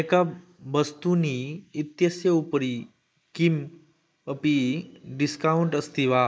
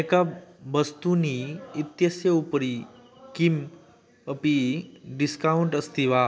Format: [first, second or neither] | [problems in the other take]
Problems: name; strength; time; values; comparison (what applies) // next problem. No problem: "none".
second | noise reduction (neural mask model Resemble Enhance denoiser)